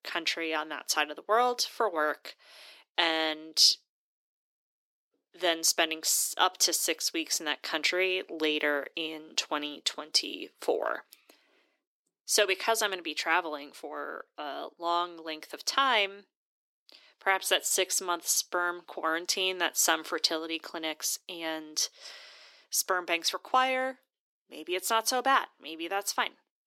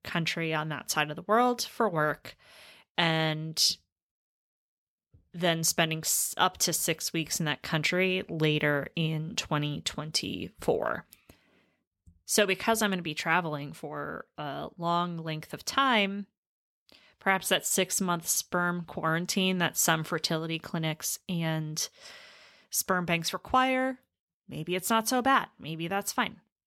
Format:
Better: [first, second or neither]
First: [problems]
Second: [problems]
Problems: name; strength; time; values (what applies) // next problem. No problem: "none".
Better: second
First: thin; very; fading below 300 Hz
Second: none